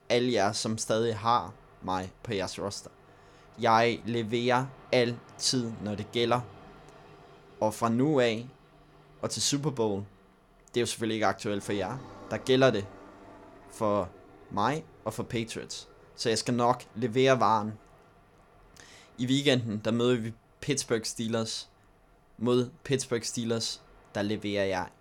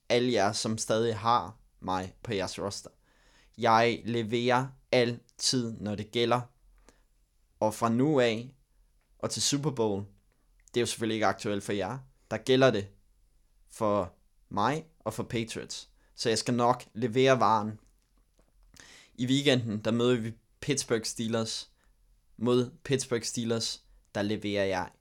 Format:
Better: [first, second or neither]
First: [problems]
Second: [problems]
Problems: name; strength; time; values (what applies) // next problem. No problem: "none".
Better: second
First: train or aircraft noise; faint; throughout; 25 dB below the speech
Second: none